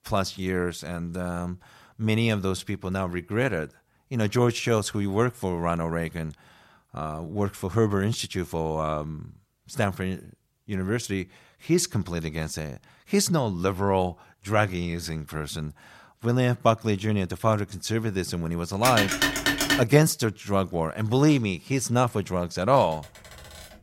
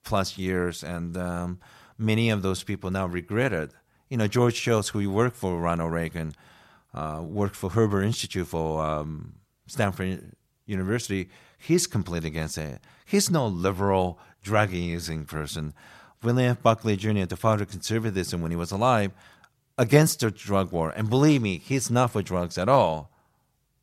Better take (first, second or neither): second